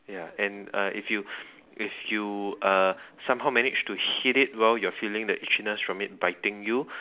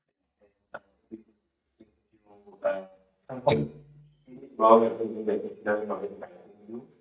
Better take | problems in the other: first | noise reduction (neural mask model DeepFilterNet 3)

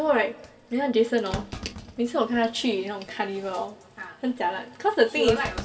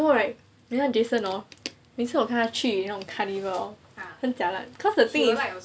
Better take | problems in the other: second | background sound (Thump, thud); 15 dB below the speech // room echo; dies away in 1.5 s

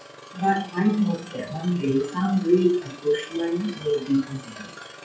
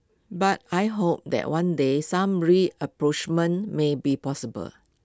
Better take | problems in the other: second | noise reduction (classical method WPE with log-MMSE)

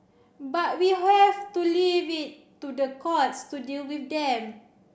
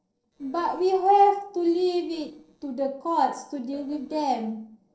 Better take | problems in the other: first | noise reduction (neural separator model SepFormer DNS4)

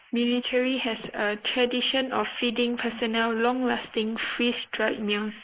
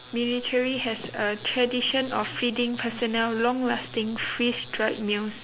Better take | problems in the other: second | noise reduction (neural mask model Resemble Enhance denoiser)

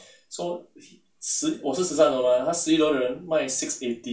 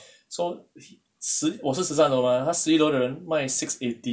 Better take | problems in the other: second | room echo; dies away in 0.3 s

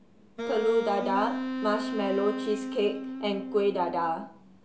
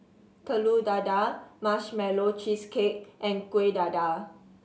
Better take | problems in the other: second | background sound (Wind instrument, woodwind instrument); 5 dB below the speech

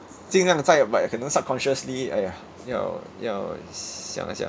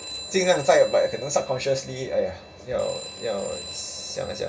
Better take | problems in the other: first | background sound (Telephone); 14 dB below the speech // room echo; dies away in 0.2 s

